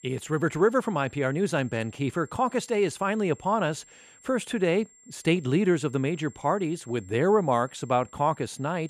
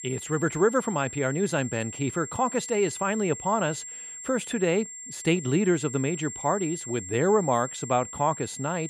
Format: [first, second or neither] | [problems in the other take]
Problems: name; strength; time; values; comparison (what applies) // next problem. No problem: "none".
first | high-pitched whine; loud; throughout; 7.5 kHz, 10 dB below the speech; faint in the first